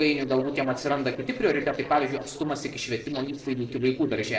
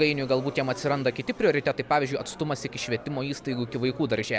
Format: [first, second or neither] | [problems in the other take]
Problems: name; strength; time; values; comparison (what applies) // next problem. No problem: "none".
second | noise reduction (neural separator model SepFormer DNS4)